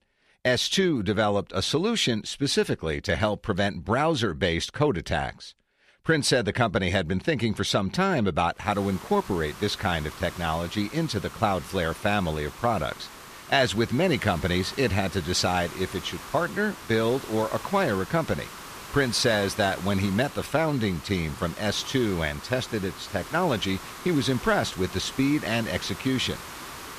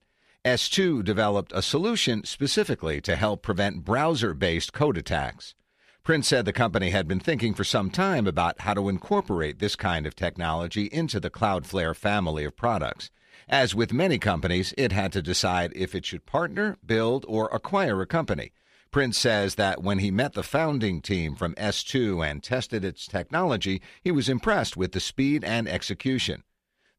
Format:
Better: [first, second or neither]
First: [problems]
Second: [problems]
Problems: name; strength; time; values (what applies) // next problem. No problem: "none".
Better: second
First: hiss; noticeable; from 8.5 s on; 15 dB below the speech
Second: none